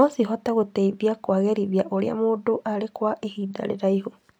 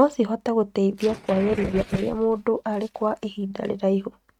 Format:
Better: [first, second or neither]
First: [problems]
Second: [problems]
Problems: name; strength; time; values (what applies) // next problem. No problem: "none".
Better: first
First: none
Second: noise reduction (neural mask model RNNoise)